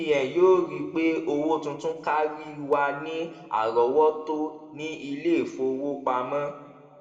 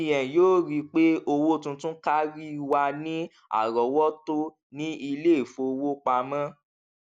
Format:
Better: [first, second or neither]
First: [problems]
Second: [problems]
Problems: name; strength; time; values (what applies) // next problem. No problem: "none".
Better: second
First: room echo; dies away in 1.6 s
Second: none